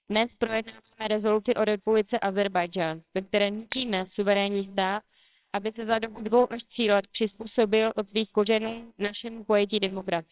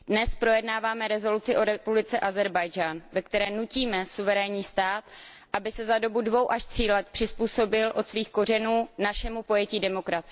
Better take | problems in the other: second | noise reduction (neural separator model SepFormer WHAMR!)

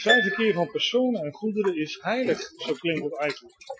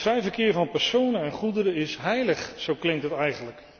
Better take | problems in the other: second | noise reduction (classical method Wiener filter)

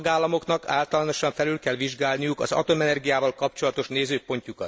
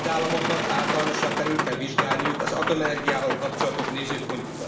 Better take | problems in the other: first | background sound (Boat, Water vehicle); 1 dB above the speech // room echo; dies away in 0.5 s

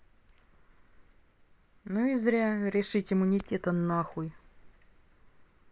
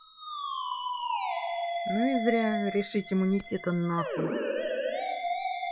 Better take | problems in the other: first | noise reduction (classical method log-MMSE)

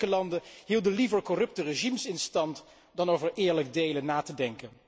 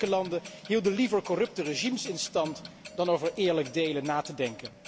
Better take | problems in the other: first | background sound (Clock); 17 dB below the speech

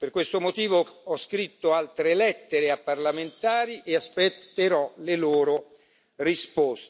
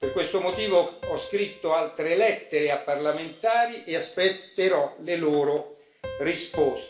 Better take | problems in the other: first | background sound (Piano); 16 dB below the speech // room echo; dies away in 0.4 s

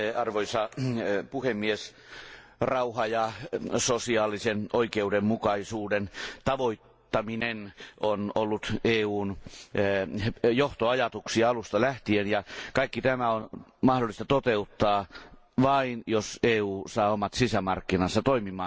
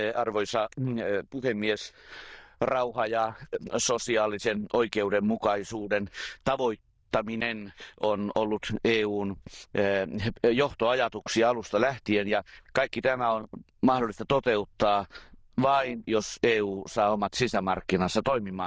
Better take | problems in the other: first | noise reduction (neural diffusion model UNIVERSE++)

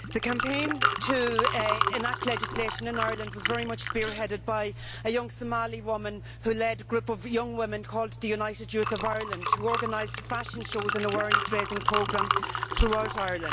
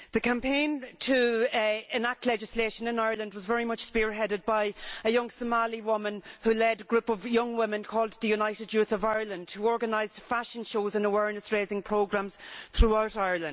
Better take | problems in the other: second | background sound (Liquid); 2 dB below the speech

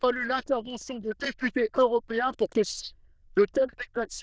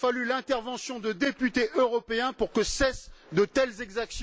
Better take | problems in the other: second | noise reduction (neural diffusion model UNIVERSE++)

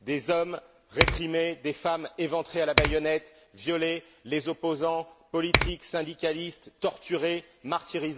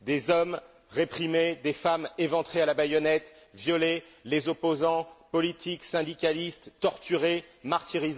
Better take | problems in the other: second | background sound (Finger snapping); 1 dB below the speech

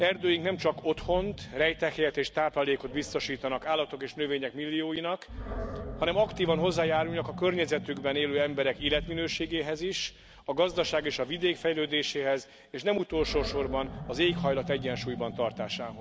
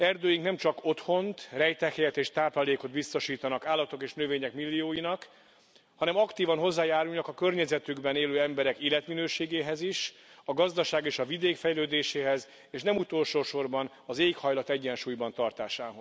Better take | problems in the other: second | background sound (Animal); 11 dB below the speech

